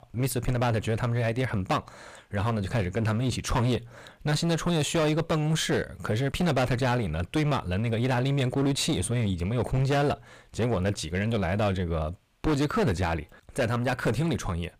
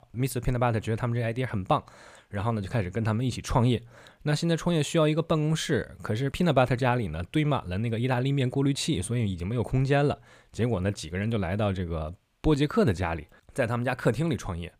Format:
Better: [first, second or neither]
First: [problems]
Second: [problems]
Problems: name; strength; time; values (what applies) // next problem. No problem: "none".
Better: second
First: distortion; heavy; 17% of the sound clipped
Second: none